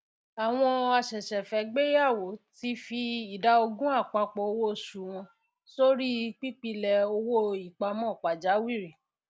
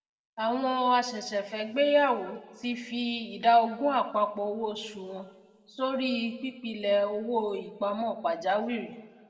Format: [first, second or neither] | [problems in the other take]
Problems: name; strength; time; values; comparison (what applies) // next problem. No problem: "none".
first | room echo; dies away in 1.6 s